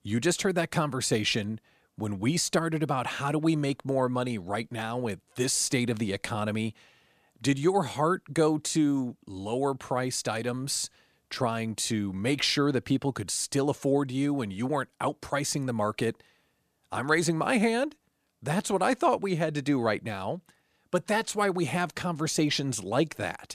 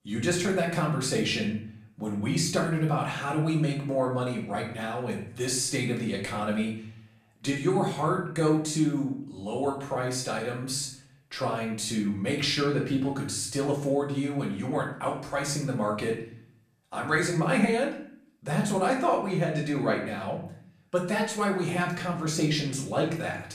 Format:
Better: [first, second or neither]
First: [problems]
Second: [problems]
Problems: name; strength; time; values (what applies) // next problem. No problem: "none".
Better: first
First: none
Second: room echo; slight; dies away in 0.5 s // off-mic speech; far